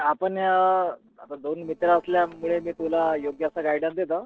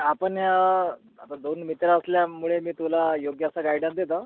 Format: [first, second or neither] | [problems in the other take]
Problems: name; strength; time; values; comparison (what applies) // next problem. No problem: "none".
second | noise reduction (neural separator model SepFormer DNS4)